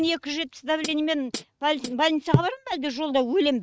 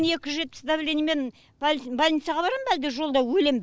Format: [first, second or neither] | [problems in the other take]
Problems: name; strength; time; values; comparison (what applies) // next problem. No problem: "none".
second | noise reduction (neural mask model RNNoise)